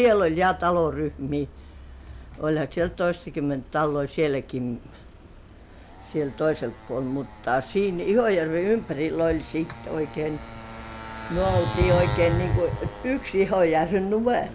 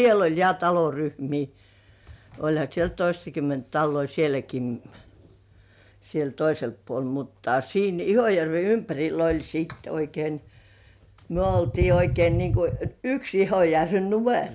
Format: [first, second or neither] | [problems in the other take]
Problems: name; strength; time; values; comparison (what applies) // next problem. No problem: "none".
second | background sound (Motorcycle); 15 dB below the speech